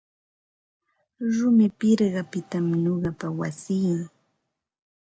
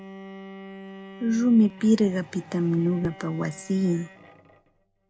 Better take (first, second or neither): first